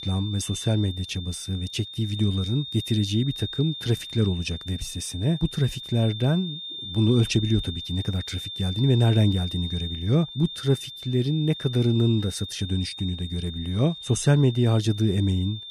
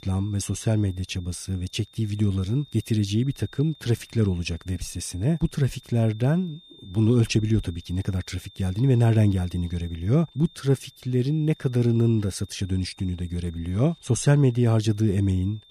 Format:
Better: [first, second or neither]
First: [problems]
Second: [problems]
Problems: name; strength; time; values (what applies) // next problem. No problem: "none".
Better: second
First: high-pitched whine; loud; throughout; 3.5 kHz, 10 dB below the speech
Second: high-pitched whine; faint; throughout; 3.5 kHz, 25 dB below the speech